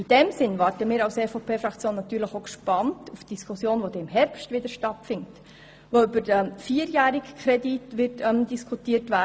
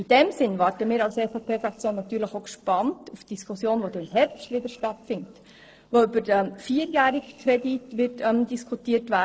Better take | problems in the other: first | noise reduction (neural separator model SepFormer DNS4)

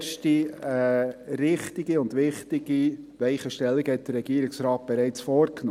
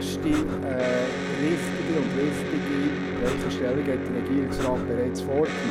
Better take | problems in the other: first | background sound (Breathing + Electric guitar); 1 dB below the speech

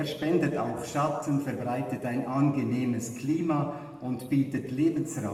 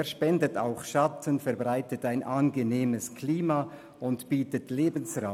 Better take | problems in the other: second | room echo; dies away in 1 s

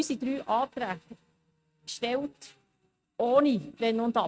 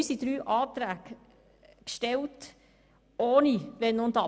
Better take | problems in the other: second | noise reduction (neural mask model RNNoise)

